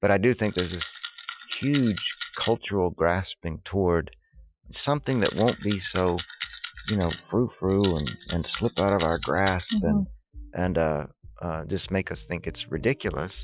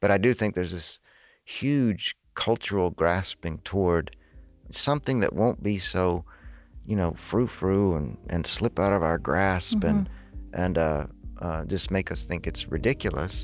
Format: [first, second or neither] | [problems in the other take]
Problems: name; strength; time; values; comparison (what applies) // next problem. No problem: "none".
second | noise reduction (classical method Wiener filter)